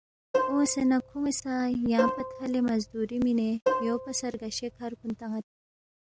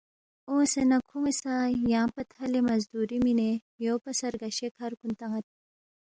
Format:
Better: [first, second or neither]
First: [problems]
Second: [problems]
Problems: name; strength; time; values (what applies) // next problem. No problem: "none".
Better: second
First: background sound (Plucked string instrument); 4 dB below the speech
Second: none